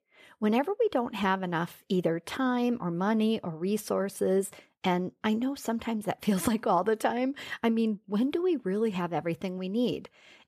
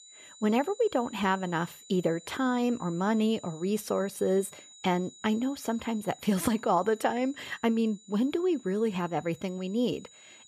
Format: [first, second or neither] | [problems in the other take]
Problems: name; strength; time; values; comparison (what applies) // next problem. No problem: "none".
first | high-pitched whine; faint; throughout; 7 kHz, 20 dB below the speech